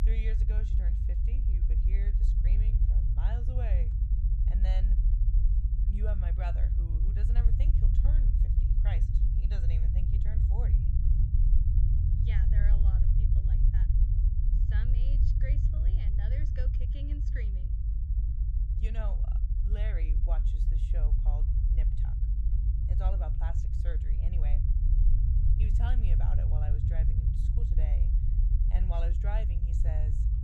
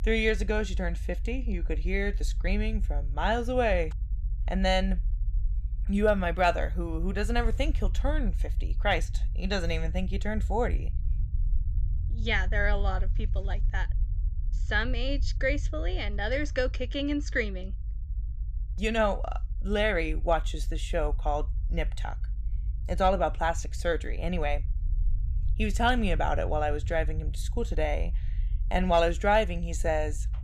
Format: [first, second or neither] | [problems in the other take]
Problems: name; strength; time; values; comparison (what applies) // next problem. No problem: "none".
second | low rumble; loud; throughout; as loud as the speech; faint in the second